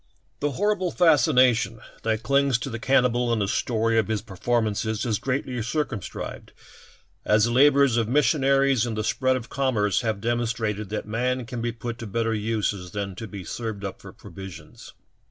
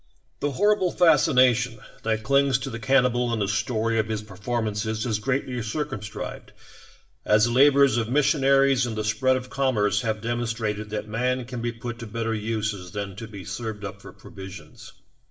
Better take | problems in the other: first | room echo; dies away in 0.5 s

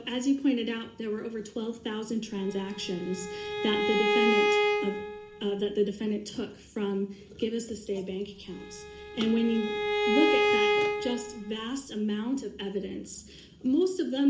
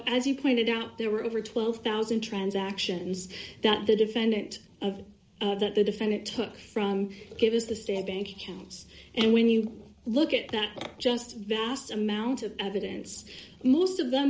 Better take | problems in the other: second | background sound (Bowed string instrument); 2 dB above the speech // room echo; dies away in 0.4 s

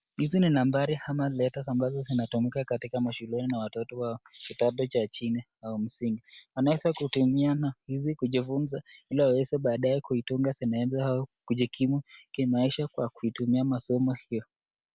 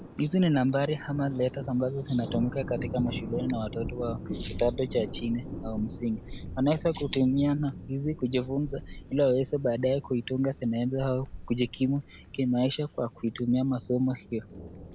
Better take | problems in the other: first | background sound (Thunder); 11 dB below the speech

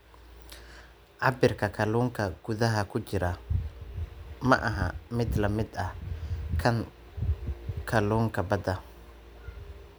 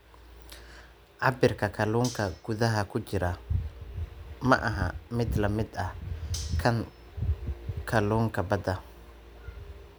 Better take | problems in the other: first | background sound (Cutlery, silverware); 17 dB below the speech

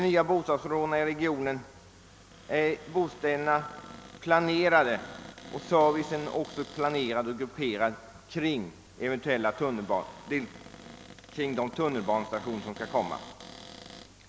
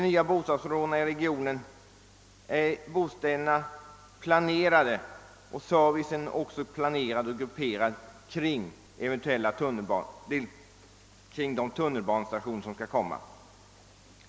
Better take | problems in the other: second | background sound (Cupboard open or close); 19 dB below the speech

